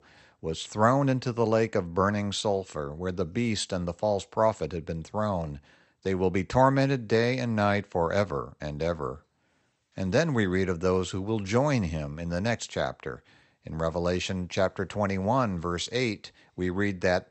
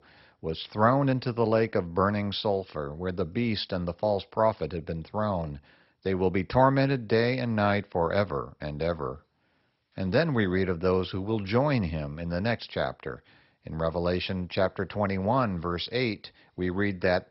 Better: first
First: garbled, watery; slightly; nothing above 8.5 kHz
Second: garbled, watery; badly; nothing above 5.5 kHz

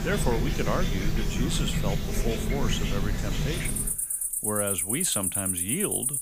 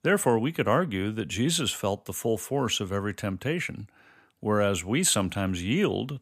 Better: second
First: animal sounds; very loud; throughout; 4 dB above the speech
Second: none

